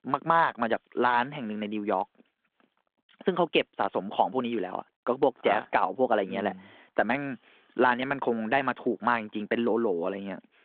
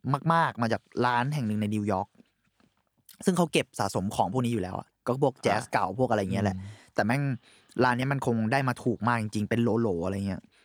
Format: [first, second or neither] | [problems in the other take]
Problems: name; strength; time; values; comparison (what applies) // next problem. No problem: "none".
second | phone-call audio